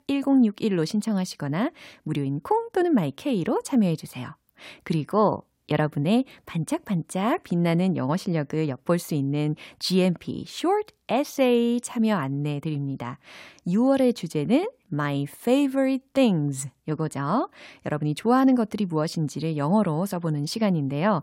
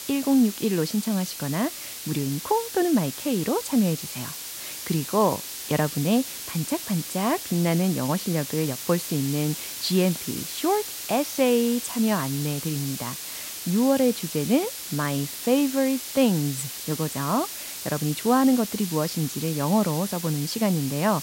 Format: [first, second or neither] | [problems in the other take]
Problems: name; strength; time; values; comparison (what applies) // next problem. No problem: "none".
first | hiss; loud; throughout; 7 dB below the speech